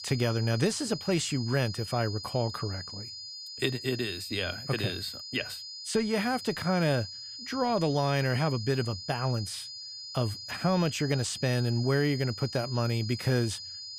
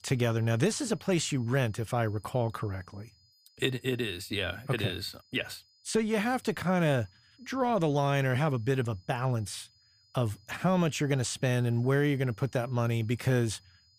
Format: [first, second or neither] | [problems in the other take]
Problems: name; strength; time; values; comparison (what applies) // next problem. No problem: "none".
second | high-pitched whine; loud; throughout; 5 kHz, 9 dB below the speech; faint in the second